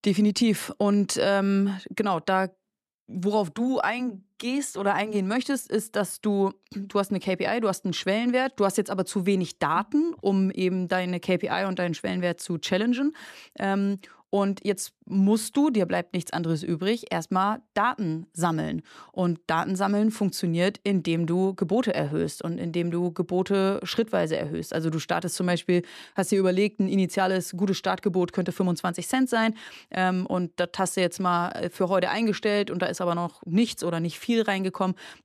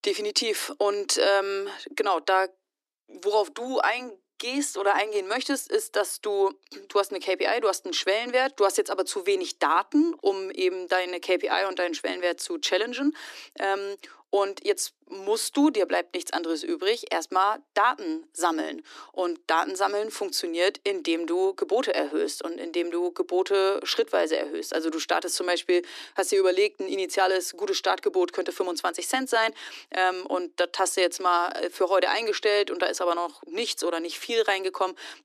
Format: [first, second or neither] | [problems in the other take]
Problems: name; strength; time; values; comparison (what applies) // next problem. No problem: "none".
first | thin; somewhat; fading below 300 Hz